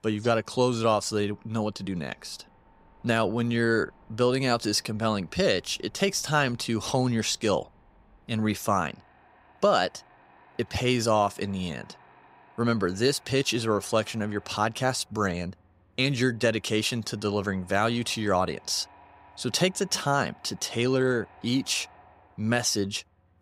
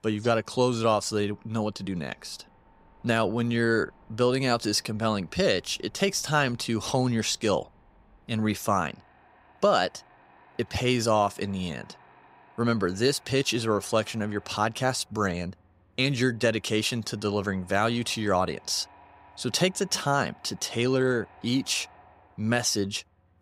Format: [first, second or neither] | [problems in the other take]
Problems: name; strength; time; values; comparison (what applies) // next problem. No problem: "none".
neither | machinery noise; faint; throughout; 30 dB below the speech; the same in both